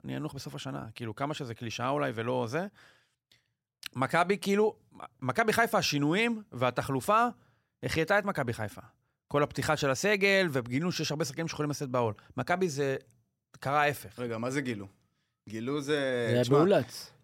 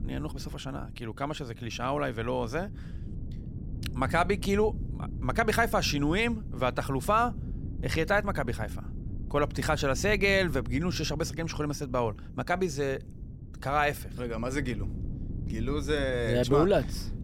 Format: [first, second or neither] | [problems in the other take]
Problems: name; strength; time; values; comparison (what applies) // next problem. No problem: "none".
first | wind noise on the microphone; occasional gusts; 20 dB below the speech